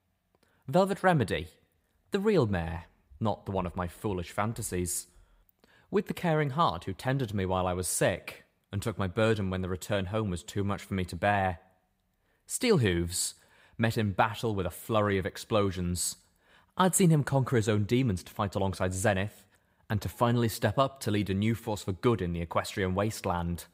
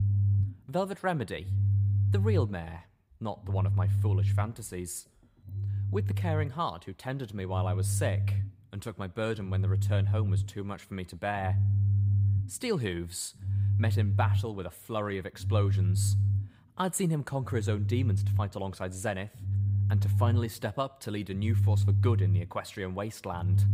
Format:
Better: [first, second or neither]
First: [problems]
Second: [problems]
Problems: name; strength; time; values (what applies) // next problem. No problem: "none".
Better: first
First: none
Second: low rumble; loud; throughout; 8 dB below the speech